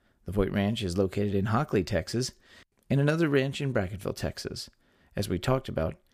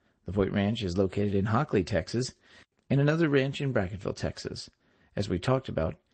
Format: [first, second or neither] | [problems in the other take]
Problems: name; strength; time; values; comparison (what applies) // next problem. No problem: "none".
first | garbled, watery; slightly; nothing above 8 kHz